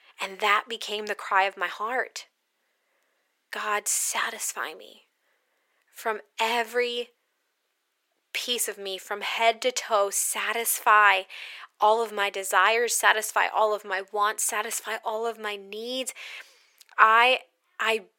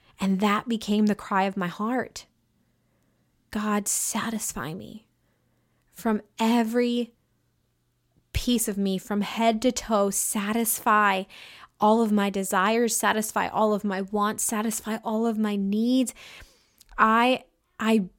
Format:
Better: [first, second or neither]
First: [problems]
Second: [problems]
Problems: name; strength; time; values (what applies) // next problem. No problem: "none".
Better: second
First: thin; very; fading below 400 Hz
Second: none